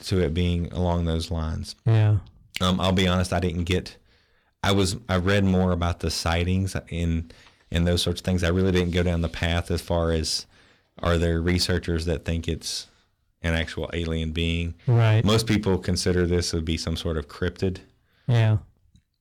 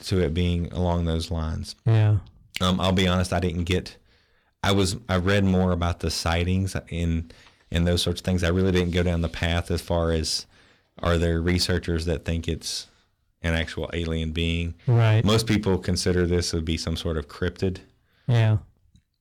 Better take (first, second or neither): neither